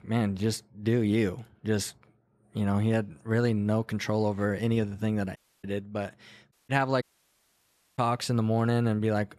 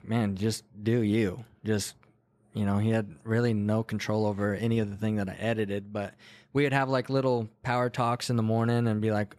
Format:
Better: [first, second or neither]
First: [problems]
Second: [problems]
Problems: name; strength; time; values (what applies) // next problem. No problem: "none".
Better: second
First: audio cutting out; at 5.5 s, at 6.5 s and at 7 s for 1 s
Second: none